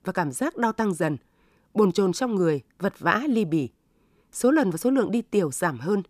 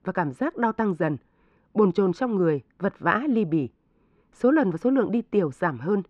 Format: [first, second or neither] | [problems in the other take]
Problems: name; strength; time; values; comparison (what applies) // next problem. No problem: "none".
first | muffled; very; fading above 2.5 kHz